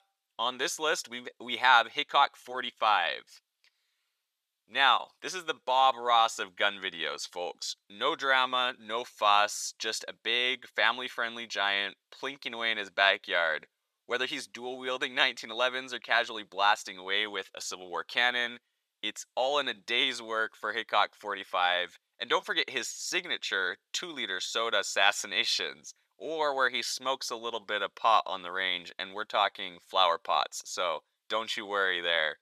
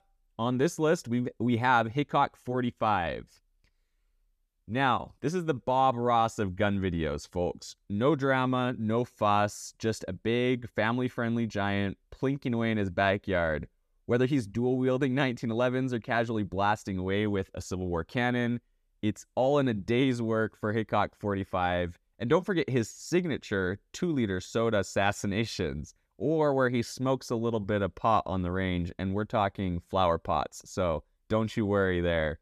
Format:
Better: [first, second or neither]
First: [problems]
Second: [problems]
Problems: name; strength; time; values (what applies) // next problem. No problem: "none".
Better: second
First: thin; very; fading below 900 Hz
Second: none